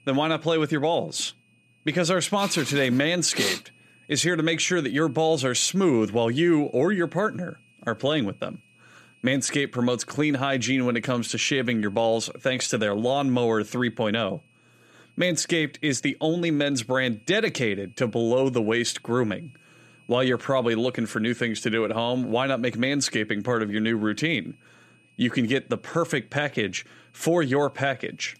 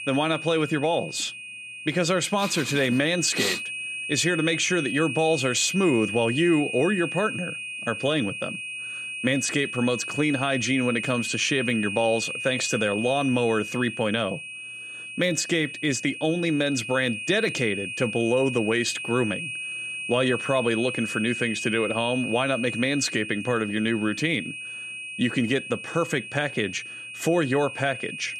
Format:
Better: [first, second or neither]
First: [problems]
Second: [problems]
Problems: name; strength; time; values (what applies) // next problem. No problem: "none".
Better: first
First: high-pitched whine; faint; throughout; 2.5 kHz, 35 dB below the speech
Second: high-pitched whine; loud; throughout; 2.5 kHz, 7 dB below the speech